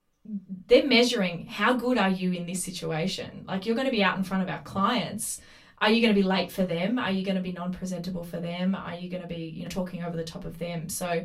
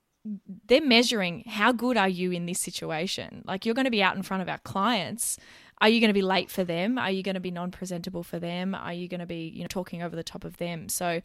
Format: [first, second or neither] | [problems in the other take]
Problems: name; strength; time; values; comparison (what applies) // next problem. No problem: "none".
second | off-mic speech; far // room echo; very slight; dies away in 0.2 s